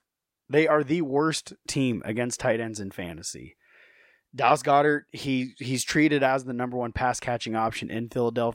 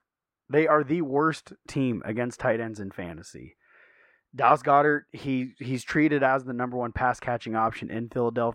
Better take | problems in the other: first | muffled; slightly; fading above 3 kHz

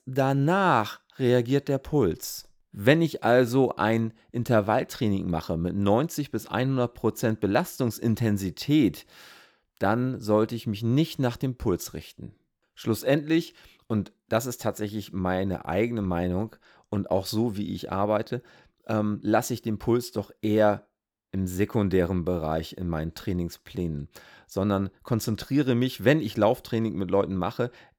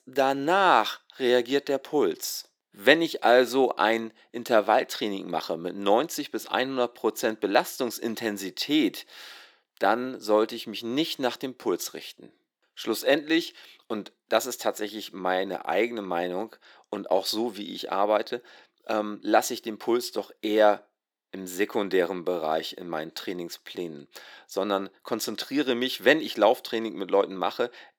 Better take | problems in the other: first | thin; somewhat; fading below 300 Hz

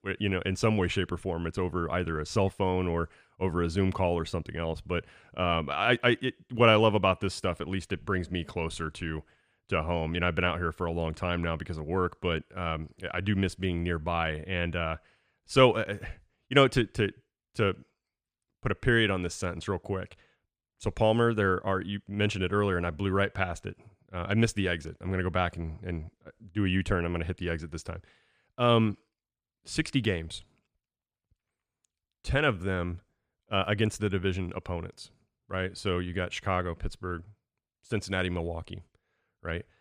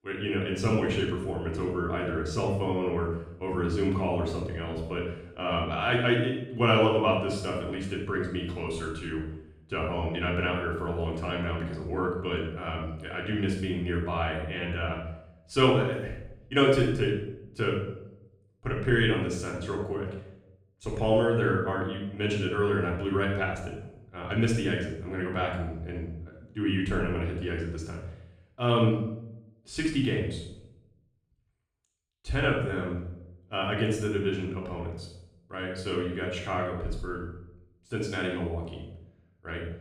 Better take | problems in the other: first | off-mic speech; far // room echo; noticeable; dies away in 0.7 s

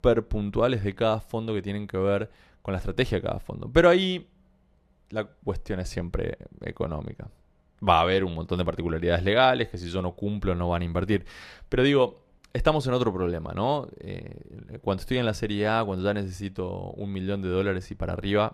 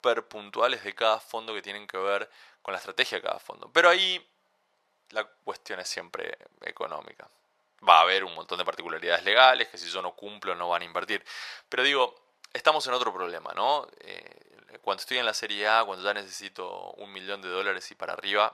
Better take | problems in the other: first | thin; very; fading below 900 Hz

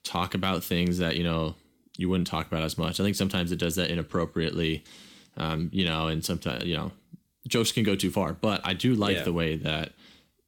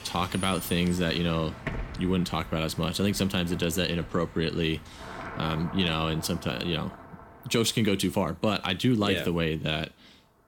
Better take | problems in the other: first | traffic noise; noticeable; throughout; 15 dB below the speech

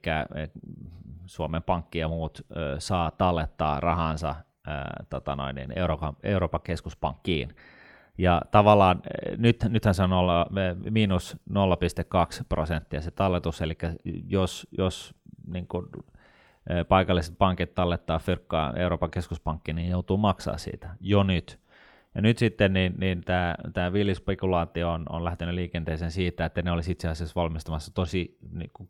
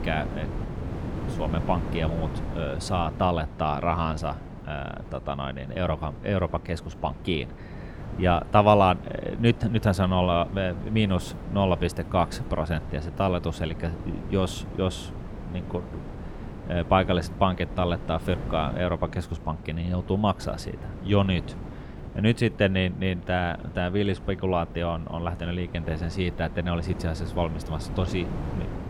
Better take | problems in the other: first | wind noise on the microphone; occasional gusts; 15 dB below the speech

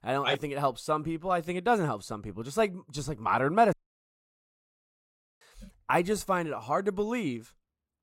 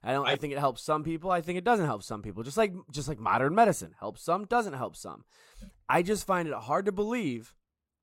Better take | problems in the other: second | audio cutting out; at 3.5 s for 1.5 s

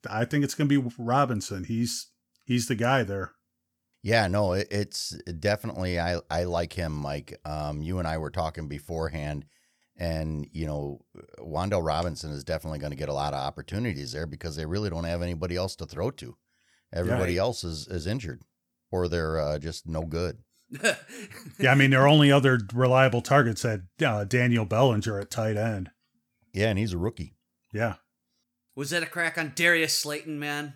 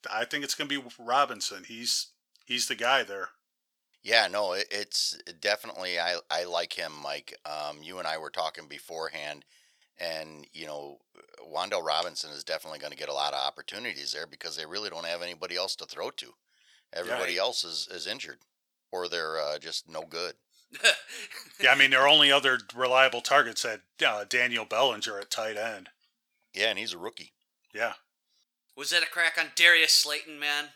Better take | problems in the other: first | thin; very; fading below 600 Hz

